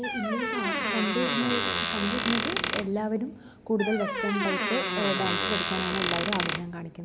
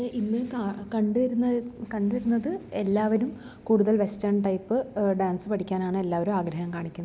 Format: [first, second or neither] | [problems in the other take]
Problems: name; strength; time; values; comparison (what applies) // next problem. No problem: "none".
second | background sound (Squeak); 1 dB above the speech